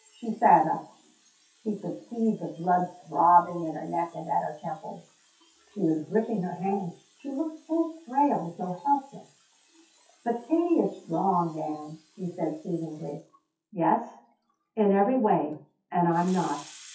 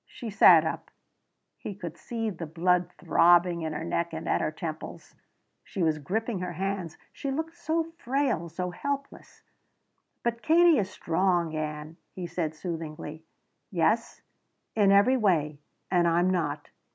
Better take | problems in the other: second | noise reduction (classical method WPE with log-MMSE)

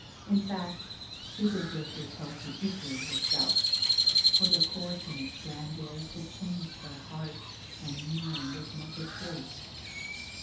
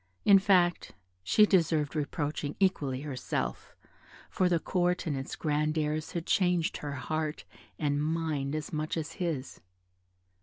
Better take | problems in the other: second | background sound (Crow); 4 dB above the speech // room echo; dies away in 0.7 s

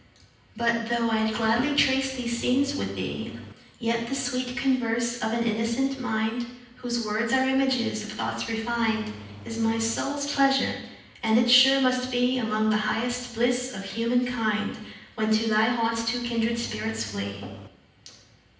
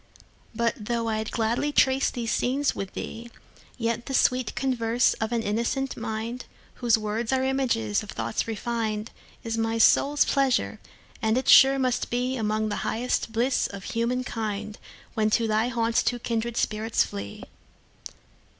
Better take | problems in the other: second | background sound (Engine starting); 18 dB below the speech // room echo; dies away in 0.9 s

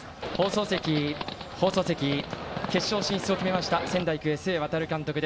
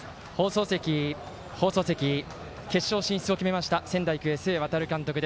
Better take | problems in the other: second | background sound (Livestock, farm animals, working animals); 7 dB below the speech // room echo; dies away in 0.4 s

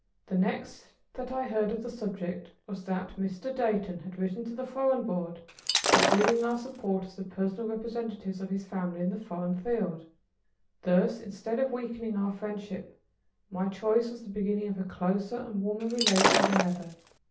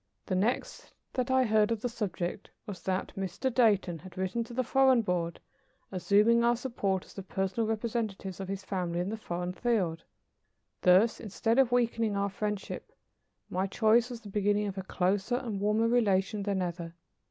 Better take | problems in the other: second | background sound (Shatter); 4 dB above the speech // room echo; dies away in 0.4 s

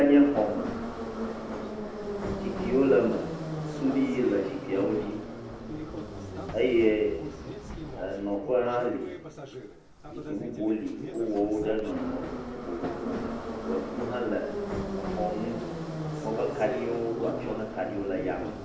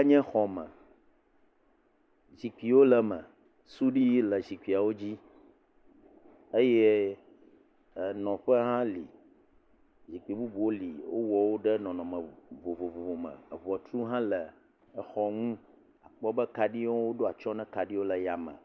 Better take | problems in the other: second | background sound (Subway, metro, underground); 6 dB below the speech // room echo; dies away in 0.8 s

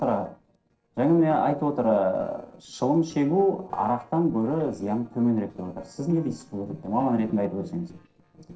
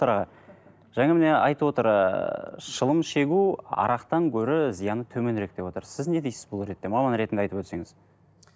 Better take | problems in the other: second | noise reduction (neural separator model SepFormer DNS4)

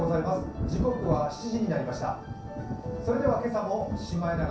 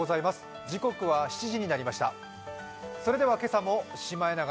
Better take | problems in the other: second | background sound (Thunder); 5 dB below the speech // room echo; dies away in 0.6 s

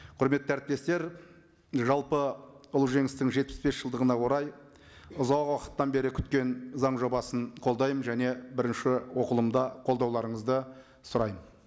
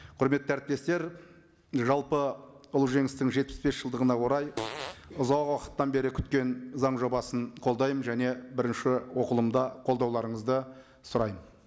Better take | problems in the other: first | background sound (Fart); 11 dB below the speech

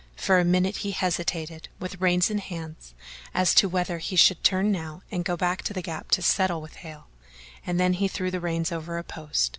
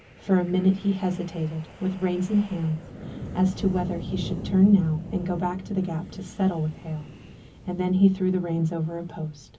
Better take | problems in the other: first | background sound (Wind); 13 dB below the speech // room echo; dies away in 0.3 s

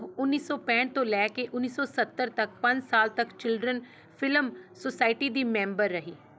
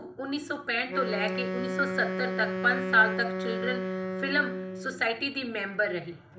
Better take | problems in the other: first | background sound (Wind instrument, woodwind instrument); 4 dB below the speech // room echo; dies away in 0.4 s

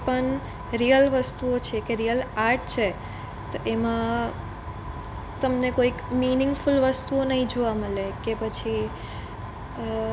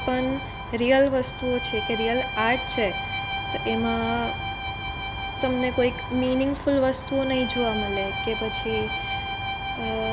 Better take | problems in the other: first | background sound (Bowed string instrument); 7 dB below the speech

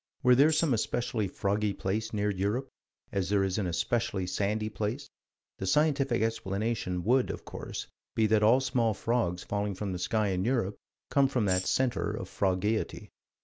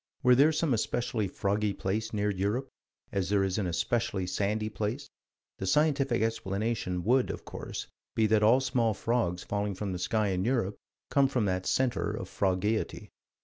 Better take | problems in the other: second | background sound (Tambourine); 10 dB below the speech

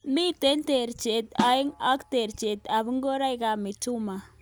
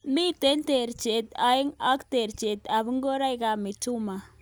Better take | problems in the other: second | background sound (Snare drum); 10 dB below the speech

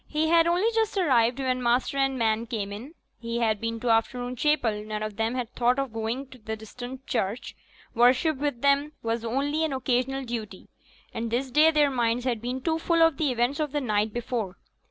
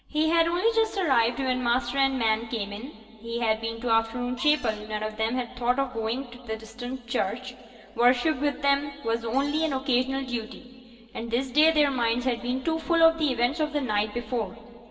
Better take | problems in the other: first | background sound (Cupboard open or close); 19 dB below the speech // room echo; dies away in 2.5 s

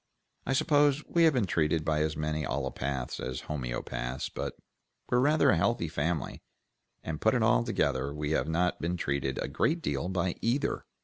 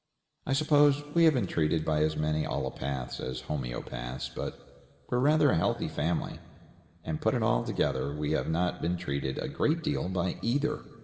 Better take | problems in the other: first | room echo; dies away in 1.9 s

